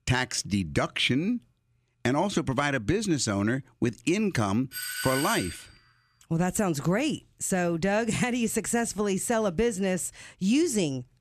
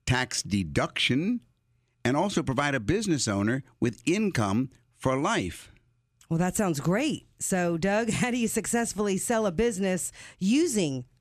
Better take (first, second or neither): second